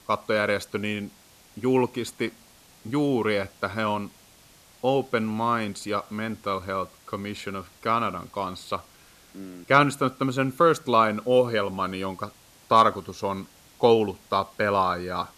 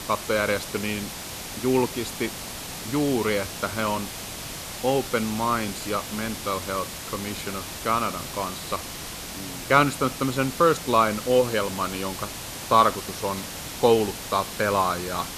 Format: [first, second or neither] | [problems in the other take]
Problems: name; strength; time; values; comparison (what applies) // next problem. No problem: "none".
first | hiss; loud; throughout; 8 dB below the speech; faint in the first